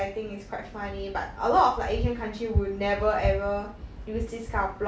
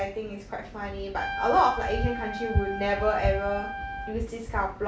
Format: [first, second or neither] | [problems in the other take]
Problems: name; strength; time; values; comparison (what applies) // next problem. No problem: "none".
first | background sound (Trumpet); 8 dB below the speech